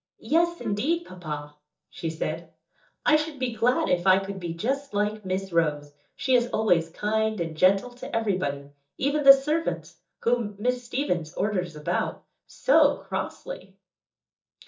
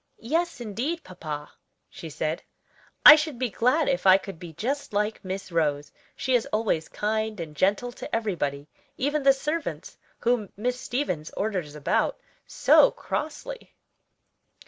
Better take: second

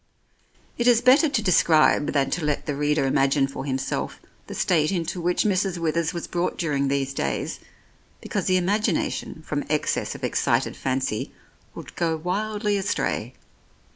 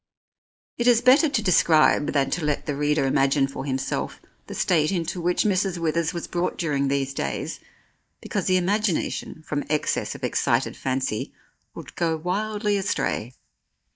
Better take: first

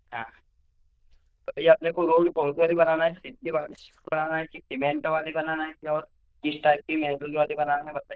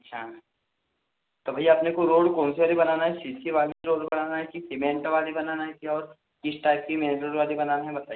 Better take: second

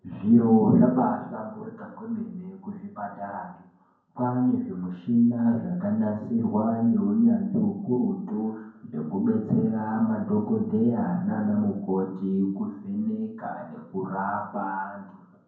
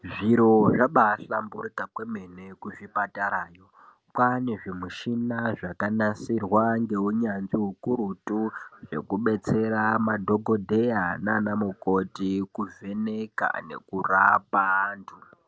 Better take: second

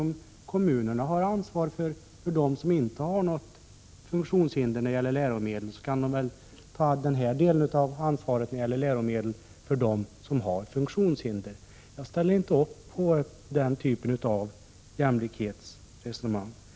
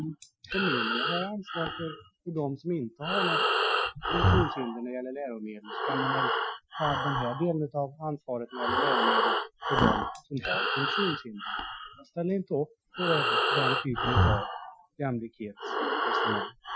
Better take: first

